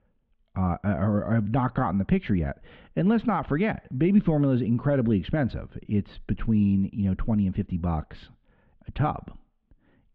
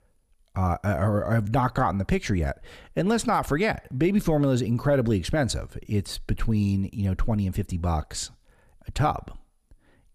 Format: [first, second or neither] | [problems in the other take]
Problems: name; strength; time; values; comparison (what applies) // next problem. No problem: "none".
second | muffled; very; fading above 3 kHz